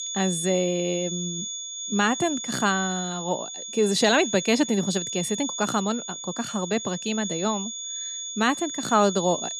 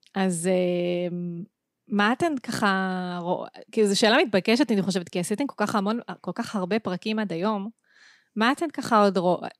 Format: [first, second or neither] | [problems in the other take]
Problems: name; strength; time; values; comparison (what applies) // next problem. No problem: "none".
second | high-pitched whine; loud; throughout; 6.5 kHz, 5 dB below the speech